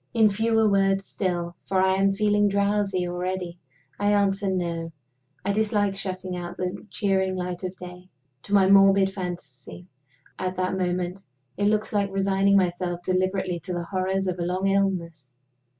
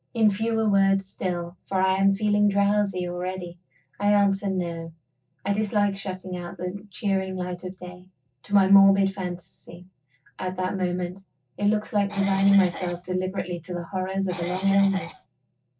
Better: first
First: none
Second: noise reduction (neural separator model SepFormer DNS4)

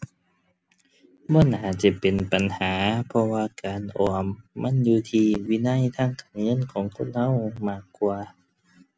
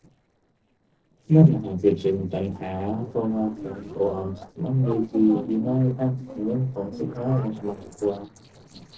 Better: first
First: none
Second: noise reduction (neural separator model SepFormer DNS4)

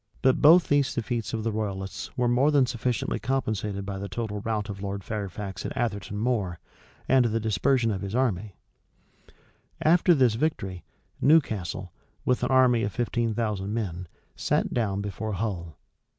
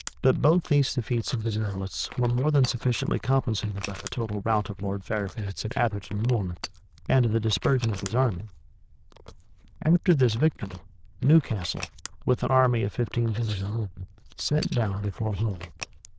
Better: first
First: none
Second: noise reduction (neural diffusion model UNIVERSE++)

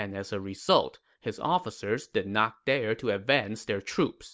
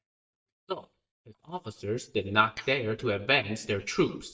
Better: first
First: none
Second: noise reduction (neural mask model DeepFilterNet 3)

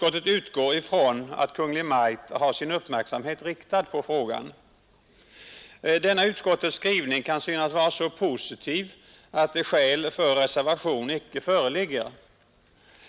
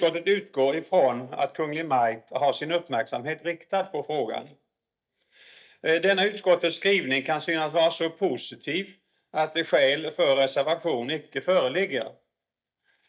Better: first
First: none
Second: noise reduction (neural mask model DeepFilterNet 3)

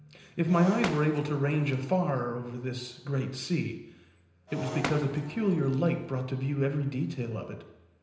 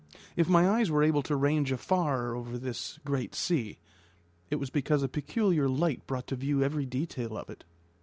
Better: second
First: background sound (Shatter); 13 dB below the speech // room echo; dies away in 0.9 s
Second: none

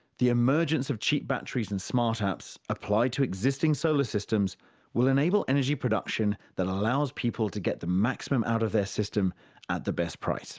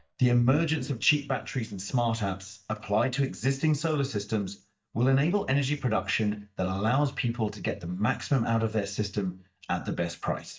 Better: first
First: none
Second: noise reduction (neural mask model DeepFilterNet 3)

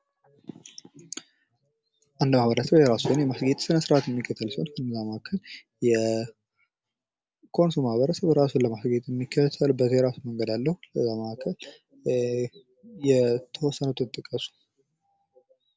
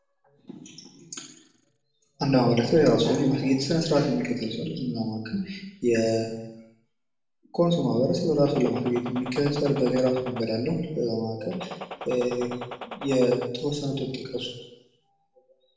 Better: first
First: none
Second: background sound (Gunshot, gunfire); 12 dB below the speech // room echo; dies away in 0.8 s

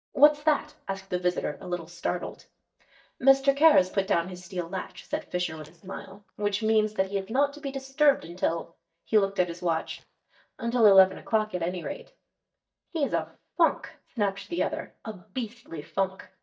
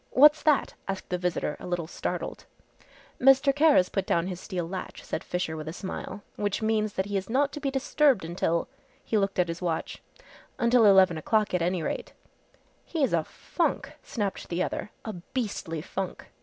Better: second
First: noise reduction (neural mask model DeepFilterNet 3)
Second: none

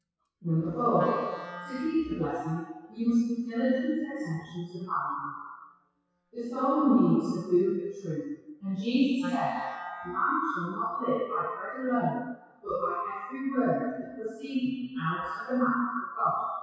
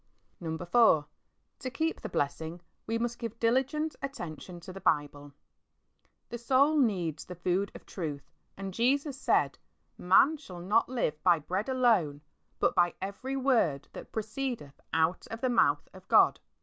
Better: second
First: noise reduction (classical method WPE with log-MMSE)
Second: none

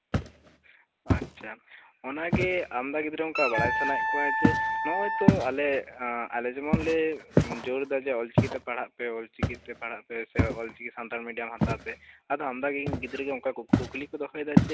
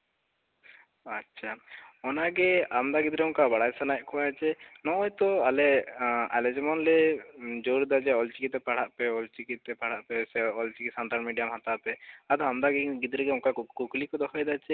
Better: second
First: background sound (Wind instrument, woodwind instrument + Walk, footsteps); 2 dB above the speech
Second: none

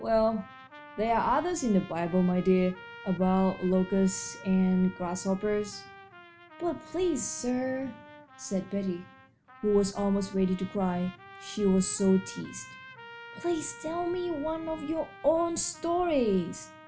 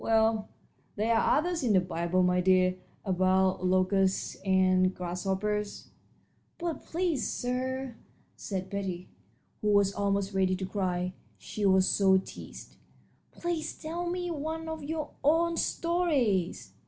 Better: second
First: background sound (Trumpet); 19 dB below the speech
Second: none

